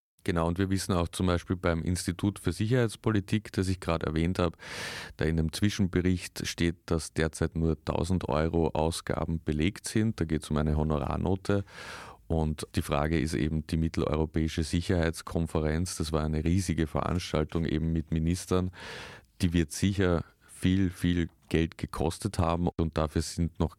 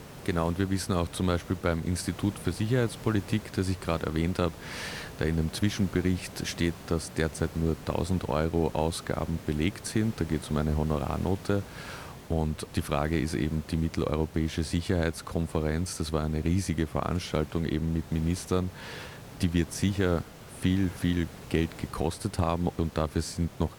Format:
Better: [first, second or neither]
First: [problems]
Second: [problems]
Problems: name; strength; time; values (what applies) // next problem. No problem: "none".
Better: first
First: none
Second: hiss; noticeable; throughout; 15 dB below the speech